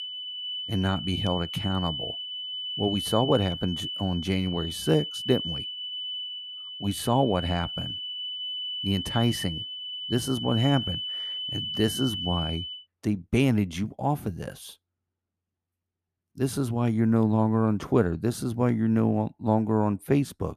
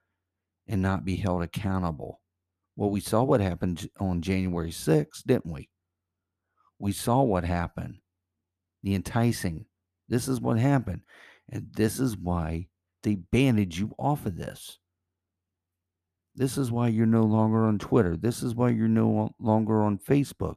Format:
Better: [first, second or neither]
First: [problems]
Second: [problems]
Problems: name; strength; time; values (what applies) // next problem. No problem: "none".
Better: second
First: high-pitched whine; loud; until 13 s; 3 kHz, 5 dB below the speech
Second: none